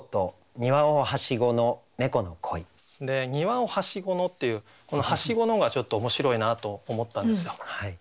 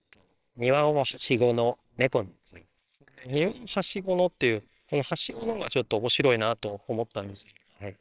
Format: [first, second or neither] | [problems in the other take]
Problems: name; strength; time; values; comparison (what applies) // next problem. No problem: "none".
first | noise reduction (neural separator model SepFormer WHAMR!)